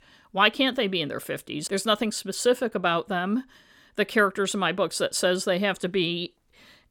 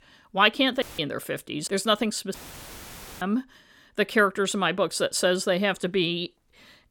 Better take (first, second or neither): first